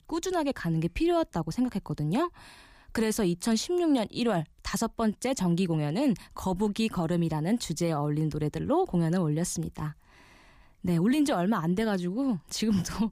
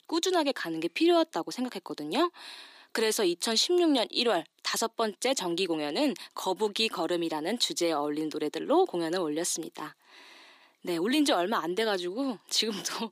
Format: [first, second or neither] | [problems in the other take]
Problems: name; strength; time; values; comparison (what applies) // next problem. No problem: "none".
first | thin; somewhat; fading below 350 Hz